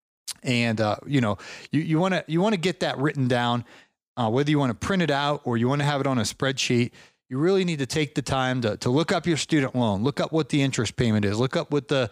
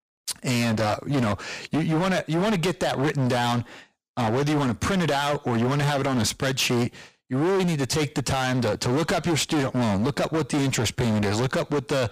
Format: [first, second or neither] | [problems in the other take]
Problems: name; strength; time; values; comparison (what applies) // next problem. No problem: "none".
first | distortion; heavy; 27% of the sound clipped